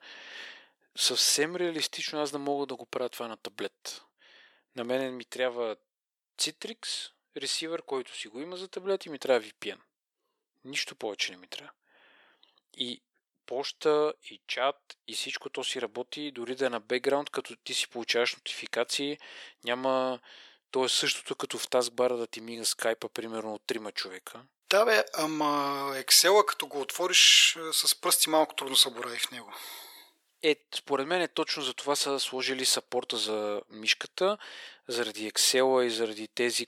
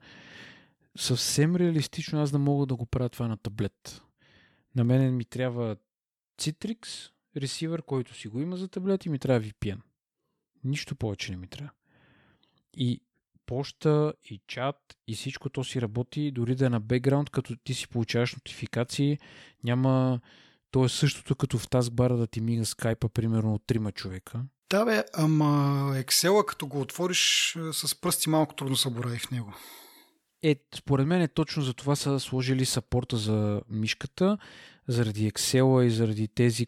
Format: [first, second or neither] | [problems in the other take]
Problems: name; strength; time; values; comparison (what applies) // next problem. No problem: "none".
second | thin; very; fading below 450 Hz